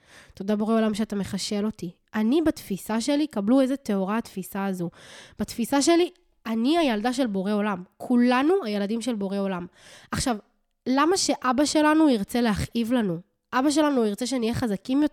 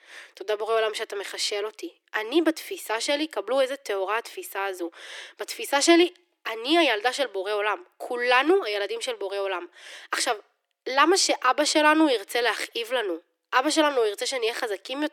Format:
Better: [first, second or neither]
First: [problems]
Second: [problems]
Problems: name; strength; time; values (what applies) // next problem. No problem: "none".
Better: first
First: none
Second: thin; very; fading below 300 Hz